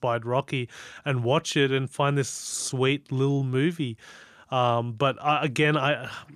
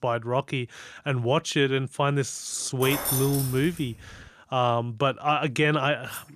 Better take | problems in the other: first | jangling keys; noticeable; from 3 to 4 s; peak level with the speech // clattering dishes; very faint; at 6 s; peak 15 dB below the speech

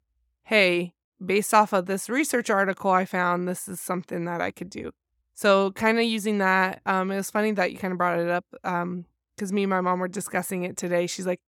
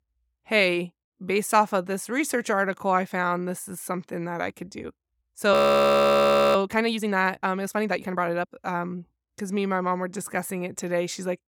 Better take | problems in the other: first | audio freezing; at 5.5 s for 1 s

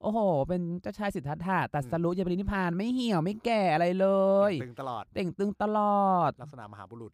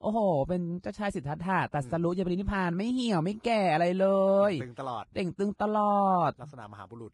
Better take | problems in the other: first | garbled, watery; badly; nothing above 10.5 kHz

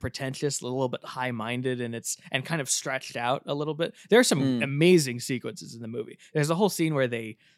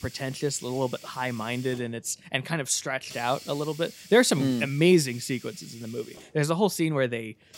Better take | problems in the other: first | hiss; noticeable; throughout; 20 dB below the speech

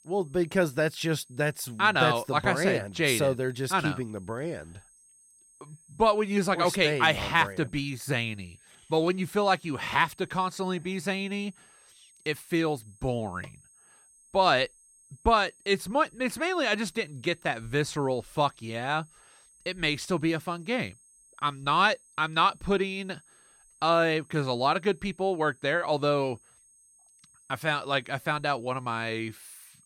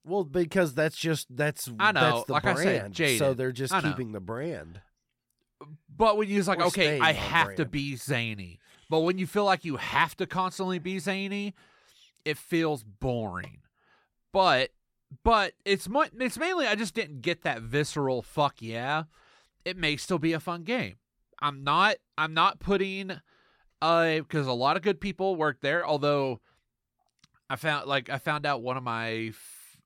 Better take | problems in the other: second | high-pitched whine; faint; throughout; 8.5 kHz, 30 dB below the speech

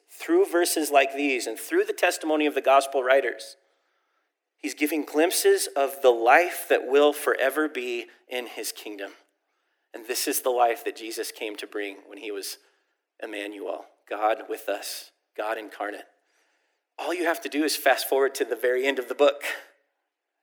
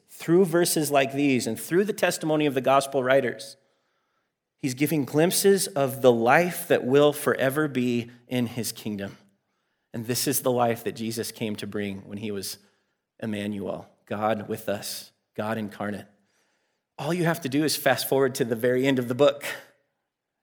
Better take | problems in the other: second | thin; somewhat; fading below 300 Hz

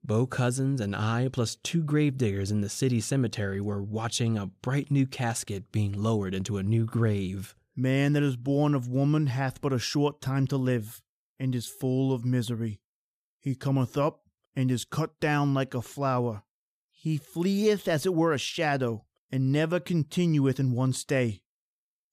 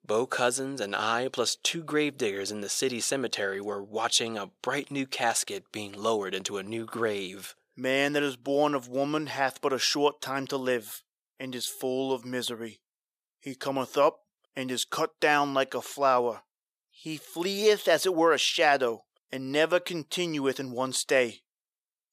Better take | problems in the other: first | thin; very; fading below 550 Hz

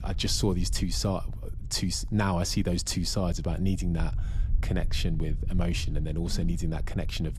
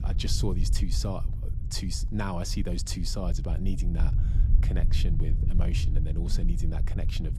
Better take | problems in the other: first | low rumble; loud; throughout; 9 dB below the speech; faint in the first

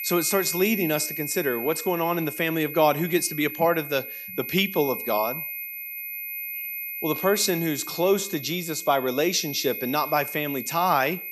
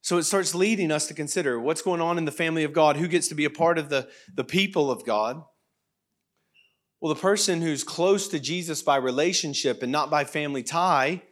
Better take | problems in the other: second | high-pitched whine; loud; throughout; 12 kHz, 7 dB below the speech

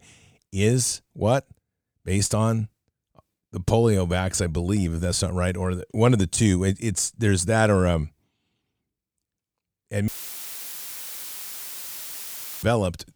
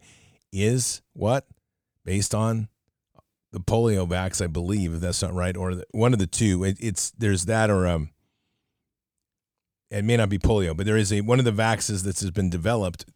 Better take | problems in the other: second | audio cutting out; filled with static; at 10 s for 2.5 s

